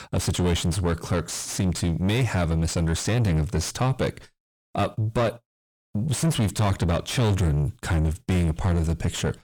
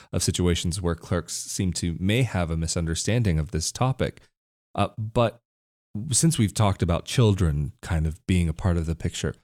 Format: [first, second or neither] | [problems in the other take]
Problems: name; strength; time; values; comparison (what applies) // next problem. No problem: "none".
second | distortion; heavy; 7 dB below the speech